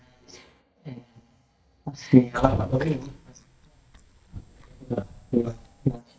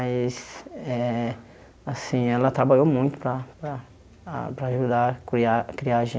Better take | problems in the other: second | noise reduction (neural mask model DeepFilterNet 3)

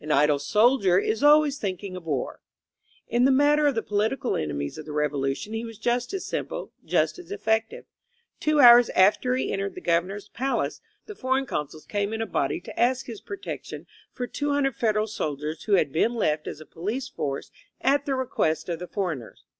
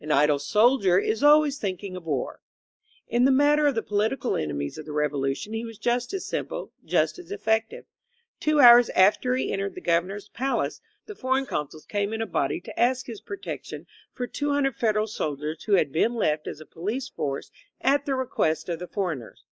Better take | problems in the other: first | noise reduction (neural mask model Resemble Enhance denoiser)

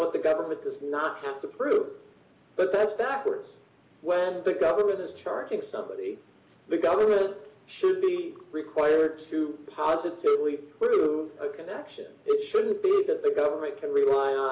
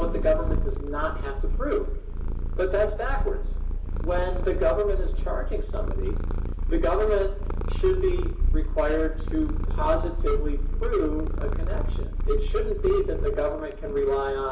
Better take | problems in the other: first | background sound (Purr); 3 dB above the speech // room echo; dies away in 3 s

